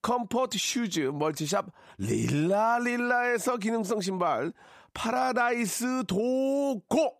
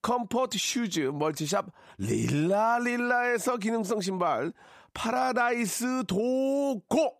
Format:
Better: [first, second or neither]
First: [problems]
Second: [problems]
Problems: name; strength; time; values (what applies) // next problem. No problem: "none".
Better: neither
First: none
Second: none